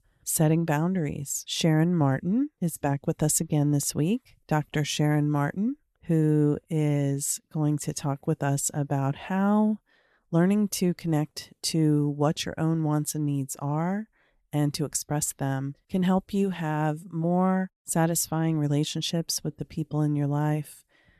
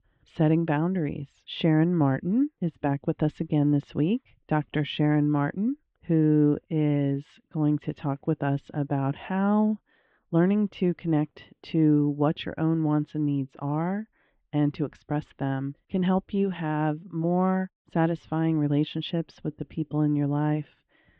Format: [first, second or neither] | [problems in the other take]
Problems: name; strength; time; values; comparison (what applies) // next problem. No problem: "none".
first | muffled; very; fading above 3 kHz